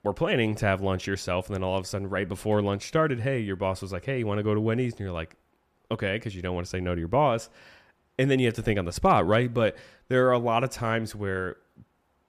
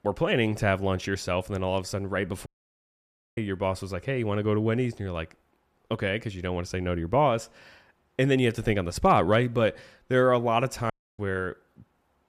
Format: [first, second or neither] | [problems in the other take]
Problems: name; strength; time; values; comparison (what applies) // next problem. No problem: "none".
first | audio cutting out; at 2.5 s for 1 s and at 11 s